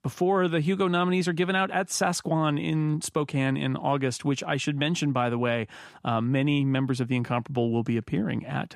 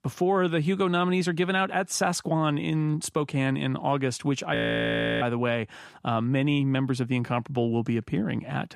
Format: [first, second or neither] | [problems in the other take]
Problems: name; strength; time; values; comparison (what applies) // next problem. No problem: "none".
first | audio freezing; at 4.5 s for 0.5 s